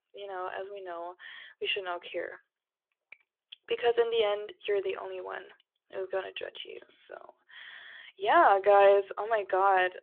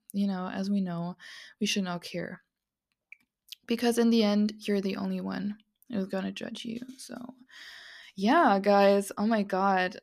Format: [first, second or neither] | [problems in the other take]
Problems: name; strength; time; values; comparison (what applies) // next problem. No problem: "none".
second | phone-call audio